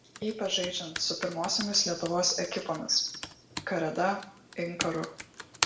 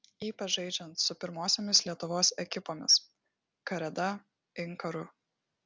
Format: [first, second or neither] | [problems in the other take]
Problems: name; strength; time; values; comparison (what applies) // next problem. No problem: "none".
second | background sound (Computer keyboard); 9 dB below the speech // room echo; dies away in 0.6 s